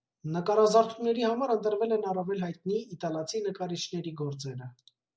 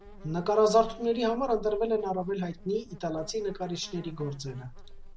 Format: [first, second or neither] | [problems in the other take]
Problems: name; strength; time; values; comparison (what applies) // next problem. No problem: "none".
first | background sound (Insect); 16 dB below the speech